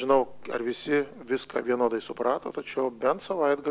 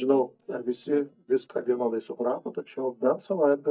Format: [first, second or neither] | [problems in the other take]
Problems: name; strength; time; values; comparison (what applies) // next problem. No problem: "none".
first | noise reduction (neural mask model DeepFilterNet 3)